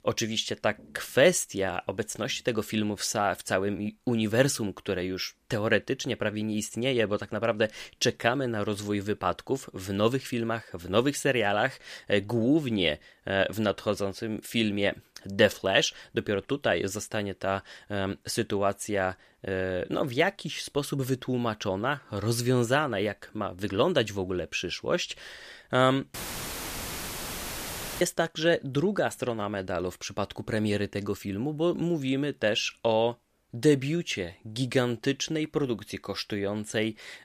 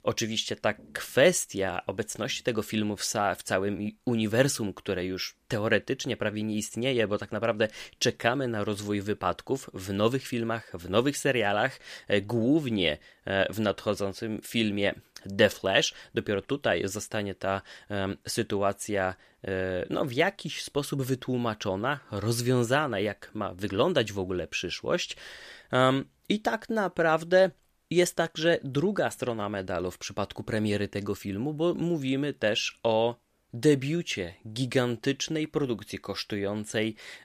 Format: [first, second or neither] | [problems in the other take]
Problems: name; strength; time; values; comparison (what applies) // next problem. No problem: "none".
second | audio cutting out; filled with static; at 26 s for 2 s